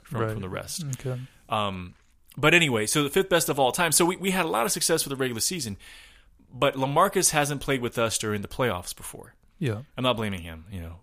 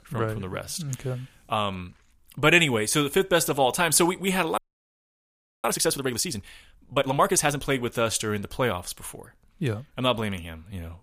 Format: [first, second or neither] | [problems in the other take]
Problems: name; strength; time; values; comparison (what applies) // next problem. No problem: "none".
first | audio freezing; at 4.5 s for 1 s